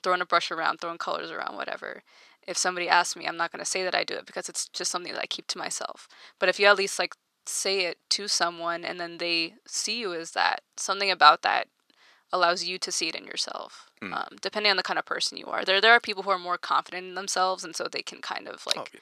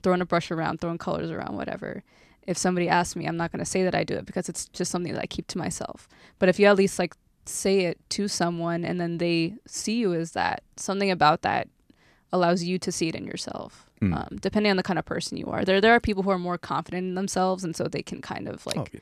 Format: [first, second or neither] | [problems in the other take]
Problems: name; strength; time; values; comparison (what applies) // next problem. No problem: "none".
second | thin; very; fading below 500 Hz